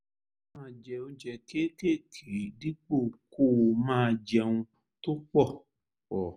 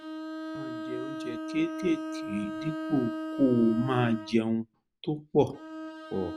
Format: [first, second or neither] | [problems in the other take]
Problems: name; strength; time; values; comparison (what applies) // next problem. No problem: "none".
first | background sound (Bowed string instrument); 7 dB below the speech